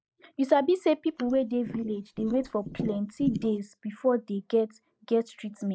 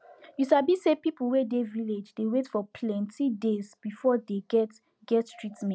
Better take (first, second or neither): second